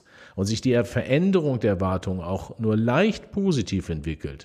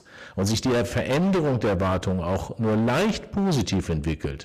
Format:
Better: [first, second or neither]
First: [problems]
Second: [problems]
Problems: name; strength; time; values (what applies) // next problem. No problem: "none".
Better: first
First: none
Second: distortion; heavy; 25% of the sound clipped